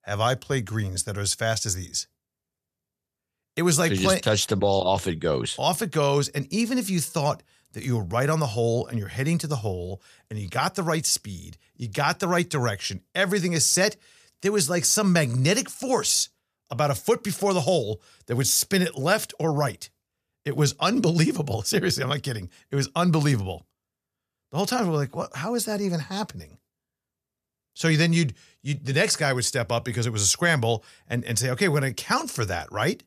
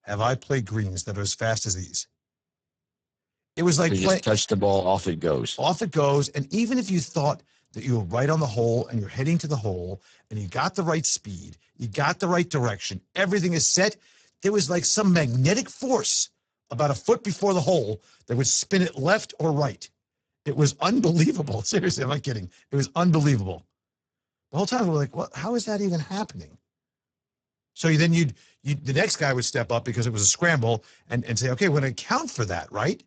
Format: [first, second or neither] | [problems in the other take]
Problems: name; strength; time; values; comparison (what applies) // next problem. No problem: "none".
first | garbled, watery; badly; nothing above 7.5 kHz